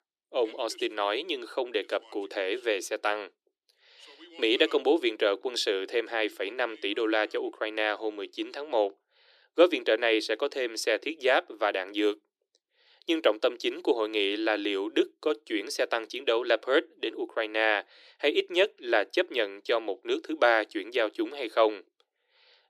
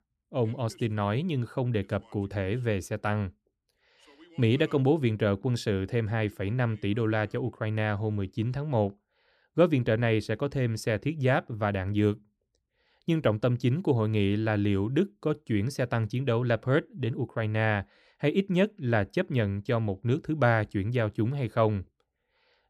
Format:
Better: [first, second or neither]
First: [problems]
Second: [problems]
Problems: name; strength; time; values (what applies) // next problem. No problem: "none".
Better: second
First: thin; very; fading below 350 Hz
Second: none